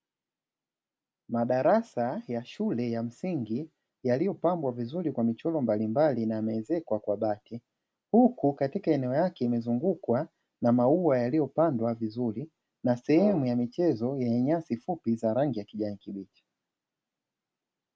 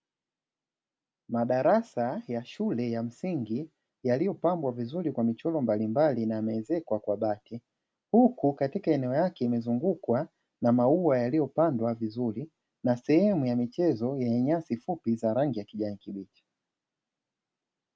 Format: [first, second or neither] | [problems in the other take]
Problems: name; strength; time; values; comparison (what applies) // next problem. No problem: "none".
second | background sound (Brass instrument); 11 dB below the speech